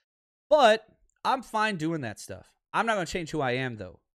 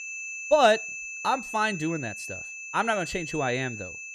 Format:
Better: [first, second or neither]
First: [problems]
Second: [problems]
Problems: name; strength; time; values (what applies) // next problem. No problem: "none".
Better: first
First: none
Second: high-pitched whine; loud; throughout; 2.5 kHz, 9 dB below the speech